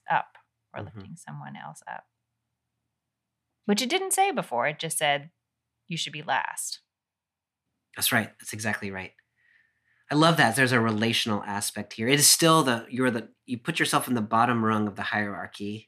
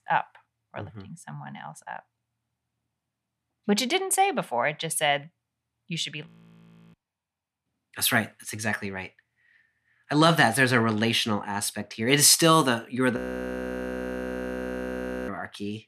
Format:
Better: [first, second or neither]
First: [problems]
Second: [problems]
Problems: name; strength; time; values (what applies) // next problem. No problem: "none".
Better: first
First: none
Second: audio freezing; at 6.5 s for 0.5 s and at 13 s for 2 s